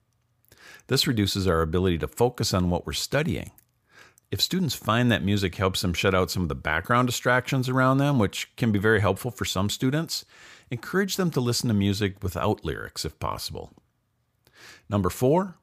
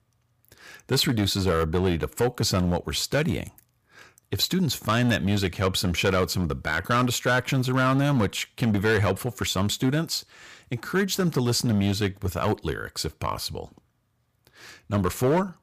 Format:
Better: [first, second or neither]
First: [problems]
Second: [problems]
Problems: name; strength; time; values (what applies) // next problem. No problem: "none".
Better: first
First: none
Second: distortion; slight; 5% of the sound clipped